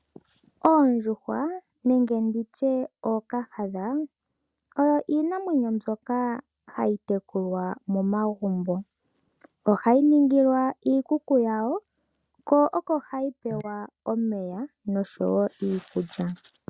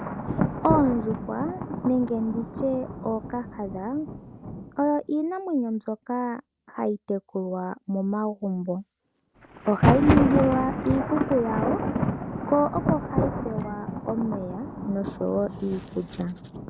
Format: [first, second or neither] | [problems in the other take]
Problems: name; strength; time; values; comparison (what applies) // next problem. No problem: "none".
first | background sound (Thunder); 2 dB below the speech